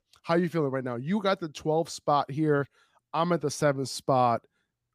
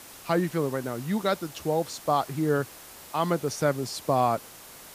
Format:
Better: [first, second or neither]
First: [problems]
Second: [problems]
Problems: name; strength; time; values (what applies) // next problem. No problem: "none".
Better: first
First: none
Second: hiss; noticeable; throughout; 15 dB below the speech